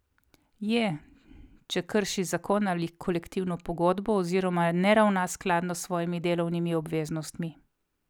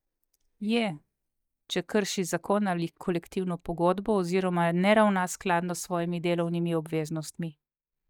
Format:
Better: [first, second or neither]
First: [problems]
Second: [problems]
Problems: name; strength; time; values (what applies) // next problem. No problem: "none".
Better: first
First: none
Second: noise reduction (neural mask model DeepFilterNet 3)